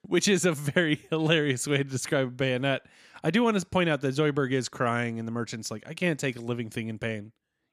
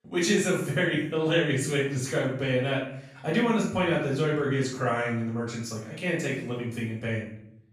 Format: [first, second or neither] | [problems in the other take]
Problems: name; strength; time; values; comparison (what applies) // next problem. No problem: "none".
first | off-mic speech; far // room echo; noticeable; dies away in 0.6 s